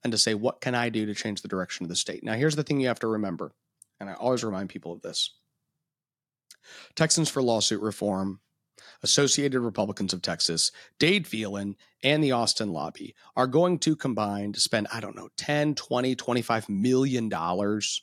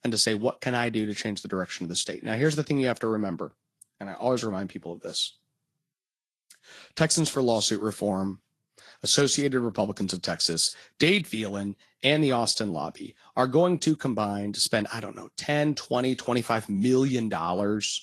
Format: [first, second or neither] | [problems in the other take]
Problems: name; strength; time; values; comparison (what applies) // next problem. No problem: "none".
first | garbled, watery; slightly